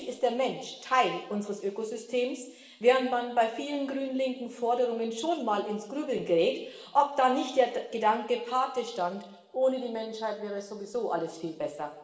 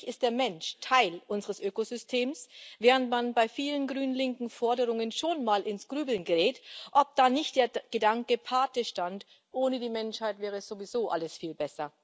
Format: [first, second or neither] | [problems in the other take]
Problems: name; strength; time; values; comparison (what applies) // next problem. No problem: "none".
second | room echo; dies away in 1 s